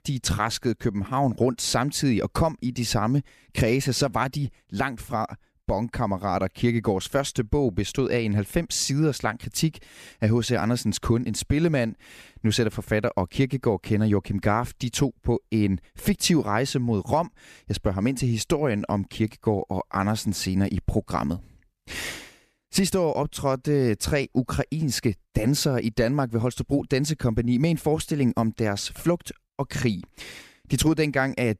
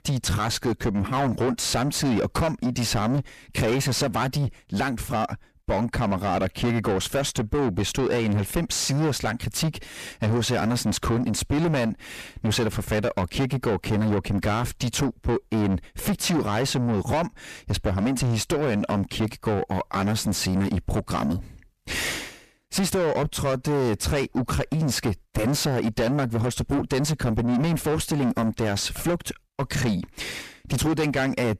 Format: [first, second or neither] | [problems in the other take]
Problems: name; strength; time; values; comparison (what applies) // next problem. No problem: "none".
first | distortion; heavy; 5 dB below the speech